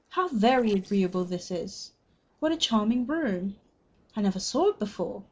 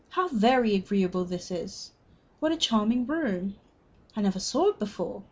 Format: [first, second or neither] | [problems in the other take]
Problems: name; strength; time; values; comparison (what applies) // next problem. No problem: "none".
second | noise reduction (neural separator model SepFormer DNS4)